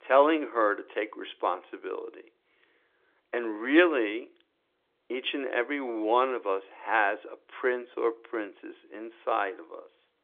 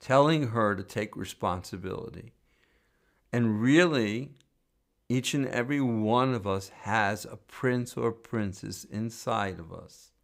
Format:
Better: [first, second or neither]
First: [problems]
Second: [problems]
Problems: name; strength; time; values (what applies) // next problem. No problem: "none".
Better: second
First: phone-call audio; nothing above 3.5 kHz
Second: none